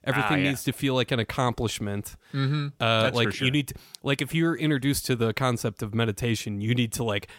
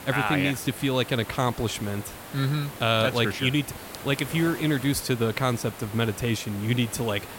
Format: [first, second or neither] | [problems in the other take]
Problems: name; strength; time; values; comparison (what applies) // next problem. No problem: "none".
first | hiss; noticeable; throughout; 15 dB below the speech